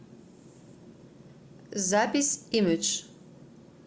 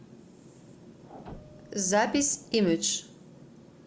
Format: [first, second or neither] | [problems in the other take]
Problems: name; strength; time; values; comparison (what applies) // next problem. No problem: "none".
first | background sound (Printer); 19 dB below the speech